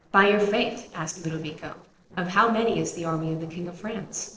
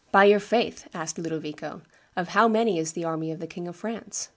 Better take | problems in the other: second | noise reduction (neural separator model SepFormer DNS4)

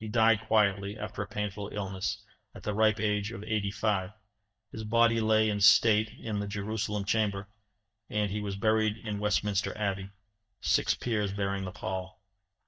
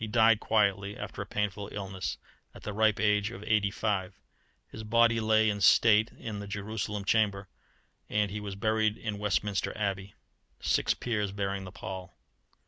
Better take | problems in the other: second | noise reduction (neural mask model DeepFilterNet 3)

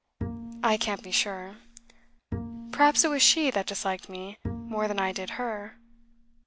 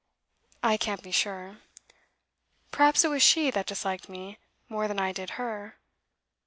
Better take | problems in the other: second | background sound (Bowed string instrument); 11 dB below the speech

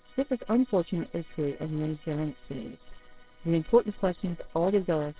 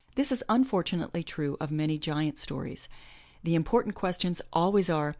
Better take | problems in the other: second | noise reduction (neural separator model SepFormer WHAMR!)

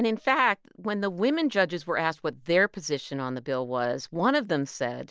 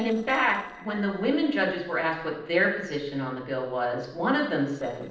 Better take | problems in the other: first | noise reduction (neural separator model SepFormer DNS4)

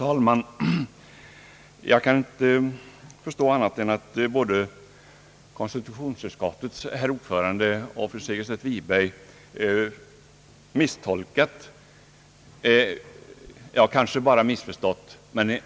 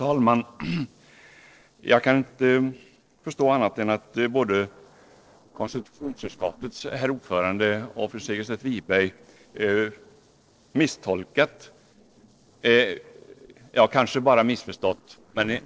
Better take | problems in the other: first | noise reduction (neural separator model SepFormer DNS4)

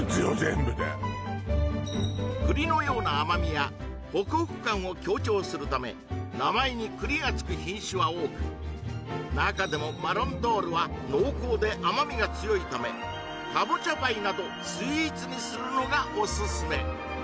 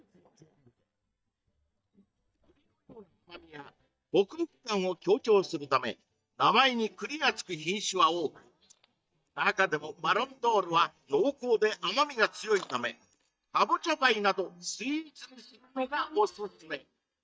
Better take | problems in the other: first | noise reduction (neural mask model DeepFilterNet 3)

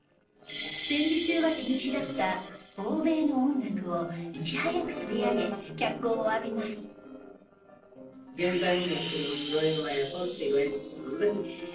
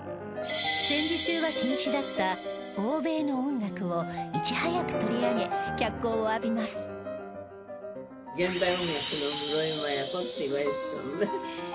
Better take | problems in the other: second | noise reduction (neural separator model SepFormer DNS4)

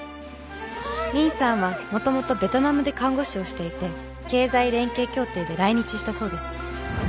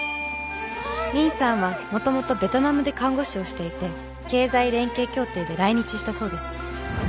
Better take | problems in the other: first | background sound (Bell / Doorbell); 15 dB below the speech

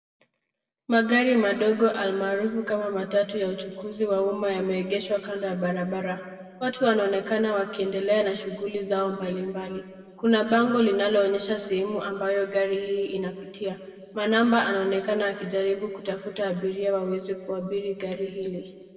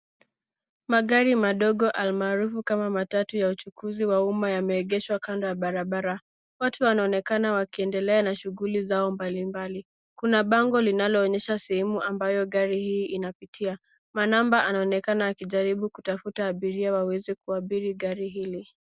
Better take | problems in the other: second | room echo; dies away in 1.9 s

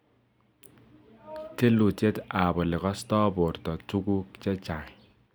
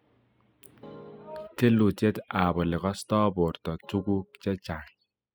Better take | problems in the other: first | noise reduction (classical method spectral subtraction)

